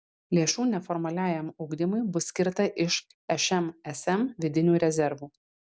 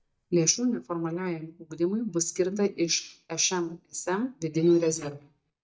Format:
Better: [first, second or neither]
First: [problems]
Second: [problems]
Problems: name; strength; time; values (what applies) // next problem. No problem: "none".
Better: first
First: none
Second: noise reduction (neural mask model DeepFilterNet 3)